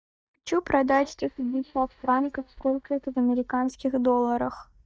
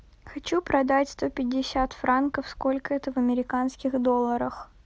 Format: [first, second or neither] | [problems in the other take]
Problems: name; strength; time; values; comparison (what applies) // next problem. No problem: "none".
second | noise reduction (neural mask model DeepFilterNet 3)